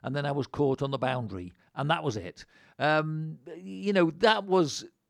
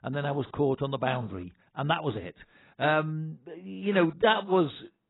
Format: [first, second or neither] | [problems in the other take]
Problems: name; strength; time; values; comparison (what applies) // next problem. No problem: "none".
first | garbled, watery; badly; nothing above 4 kHz